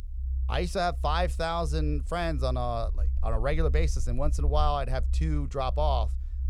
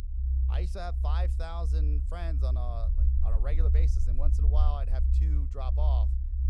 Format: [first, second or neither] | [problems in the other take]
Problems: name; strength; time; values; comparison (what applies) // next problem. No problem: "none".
first | low rumble; loud; throughout; 5 dB below the speech; faint in the first